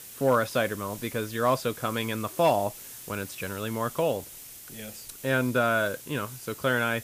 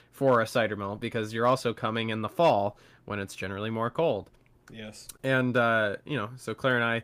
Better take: second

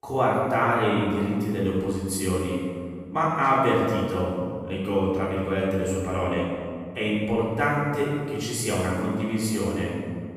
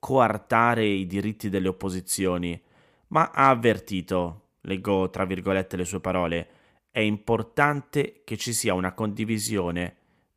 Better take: second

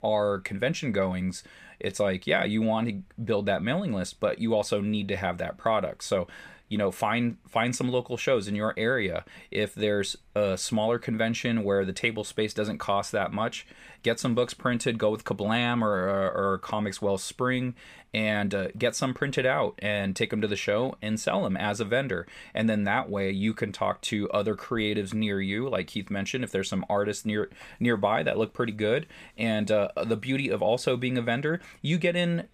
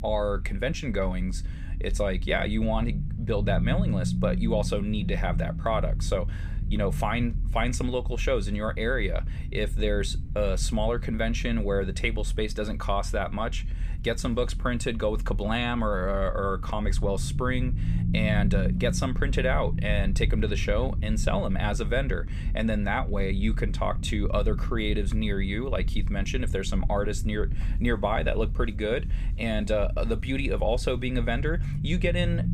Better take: first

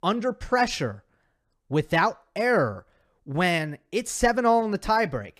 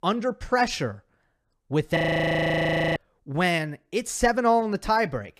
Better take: first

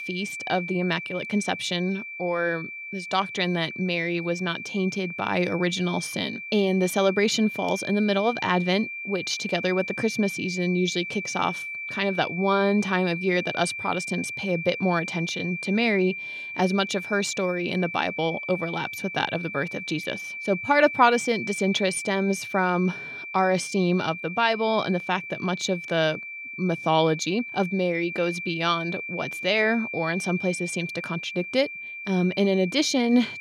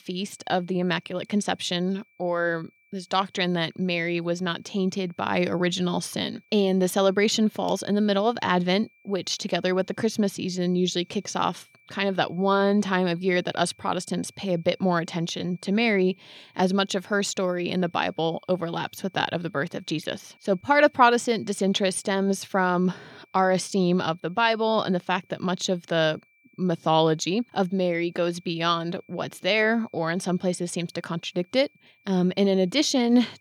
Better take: second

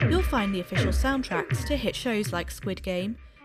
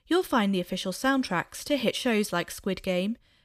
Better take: second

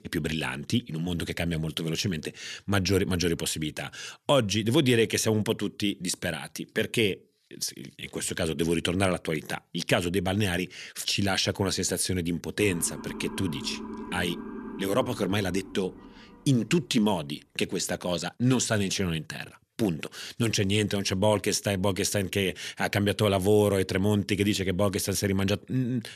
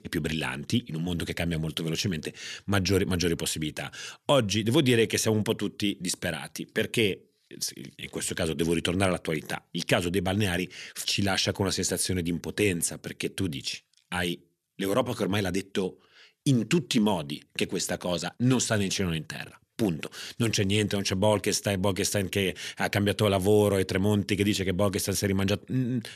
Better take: second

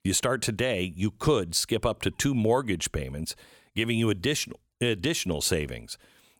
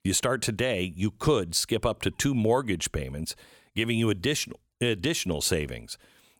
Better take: neither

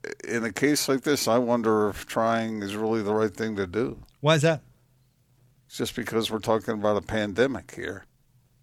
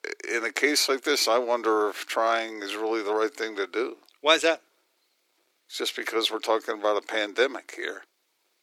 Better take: first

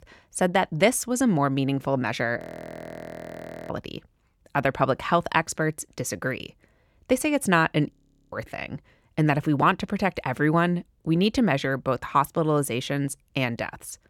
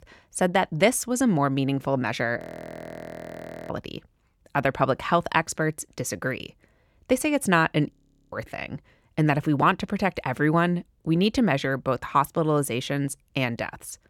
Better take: neither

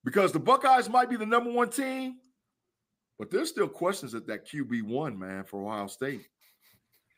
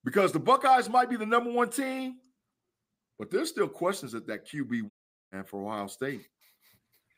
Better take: first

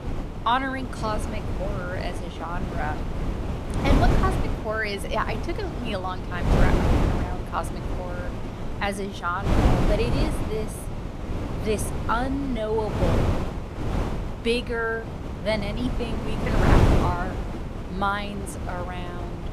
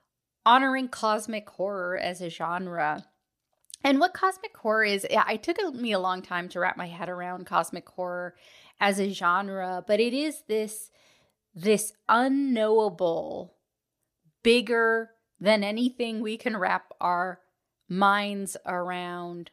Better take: second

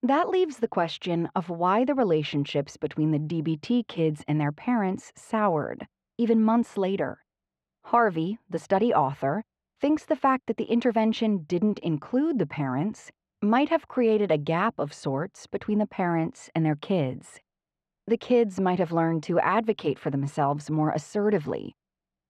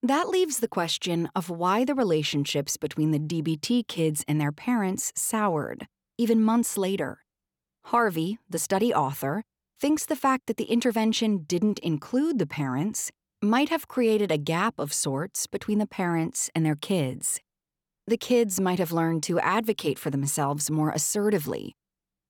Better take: second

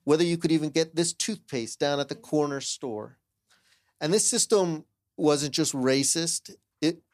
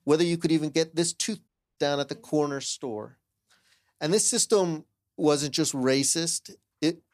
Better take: first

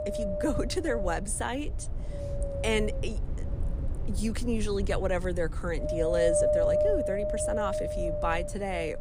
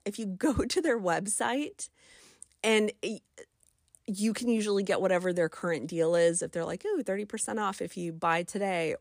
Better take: second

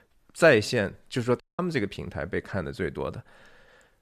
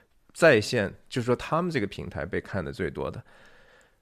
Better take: second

